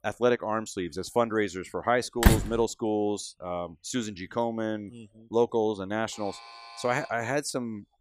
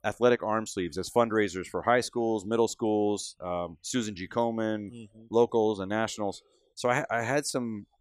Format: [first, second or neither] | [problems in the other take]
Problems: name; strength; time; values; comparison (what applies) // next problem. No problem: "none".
second | door banging; loud; at 2 s; peak 6 dB above the speech // alarm; faint; from 6 to 7 s; peak 15 dB below the speech